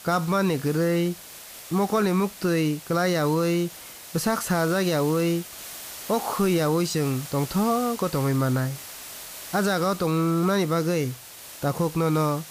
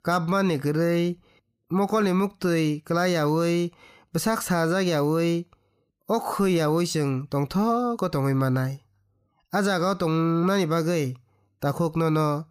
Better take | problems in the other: second | hiss; noticeable; throughout; 15 dB below the speech

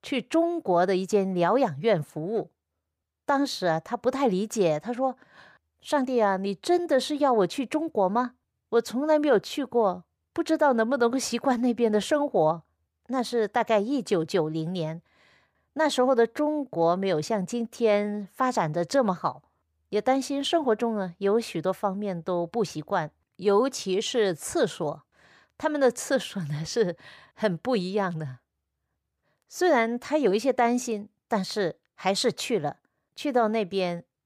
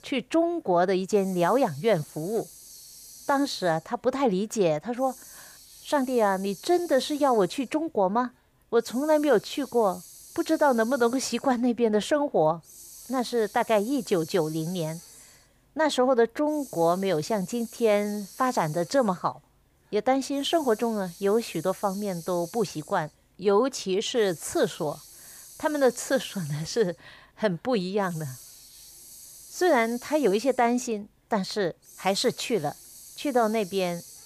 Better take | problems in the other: first | hiss; noticeable; throughout; 20 dB below the speech

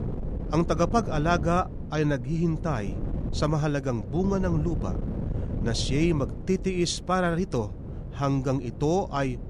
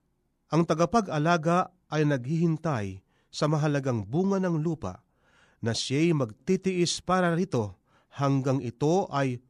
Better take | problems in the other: second | wind noise on the microphone; occasional gusts; 15 dB below the speech

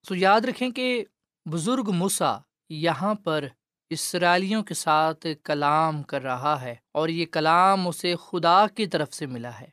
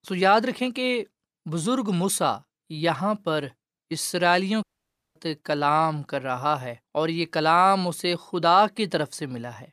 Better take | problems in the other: first | audio cutting out; at 4.5 s for 0.5 s

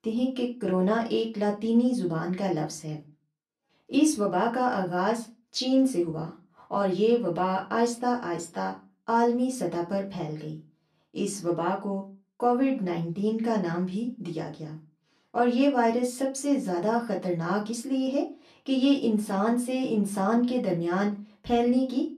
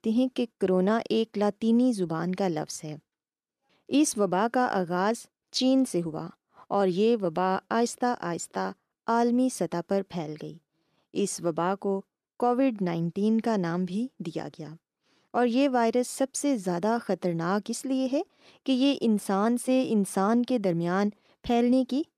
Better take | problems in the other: second | off-mic speech; far // room echo; very slight; dies away in 0.2 s

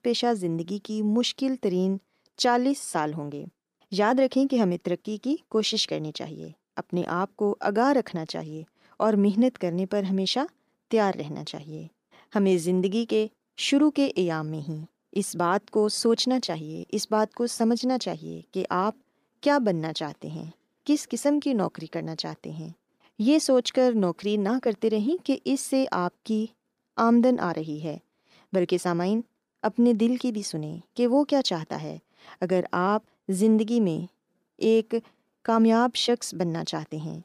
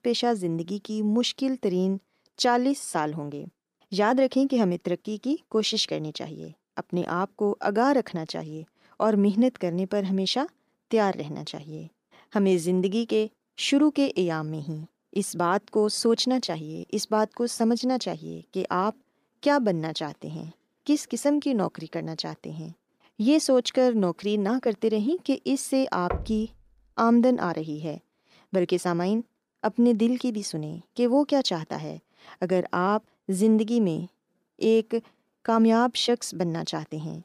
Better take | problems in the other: first | door banging; noticeable; at 26 s; peak 8 dB below the speech

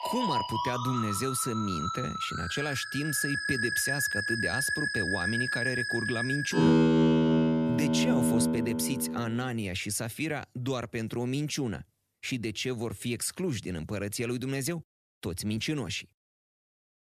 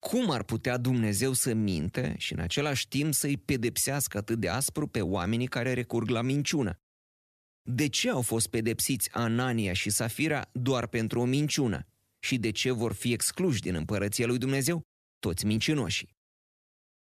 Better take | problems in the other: second | background music; very loud; until 9 s; 4 dB above the speech

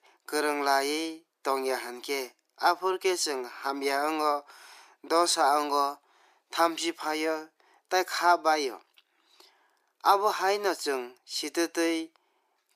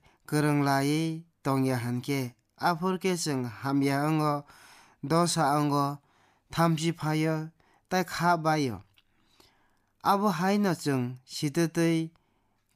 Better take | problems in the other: second | thin; very; fading below 350 Hz

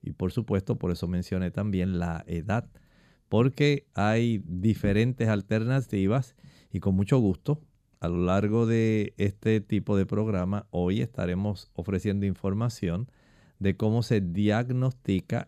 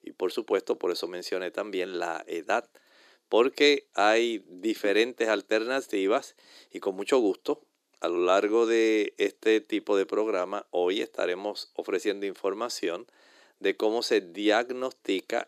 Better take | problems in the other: first | thin; very; fading below 300 Hz

